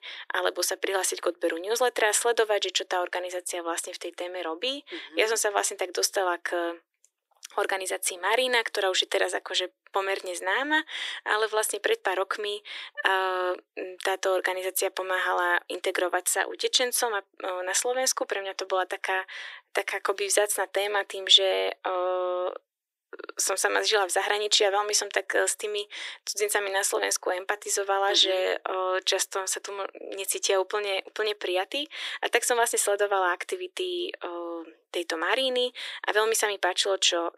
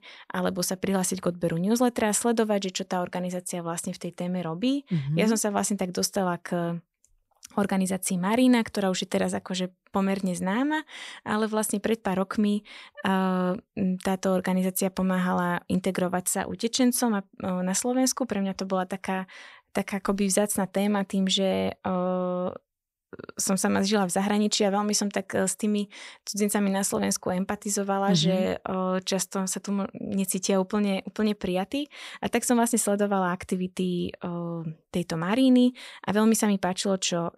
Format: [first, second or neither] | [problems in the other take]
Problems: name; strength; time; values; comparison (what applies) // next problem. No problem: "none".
second | thin; very; fading below 300 Hz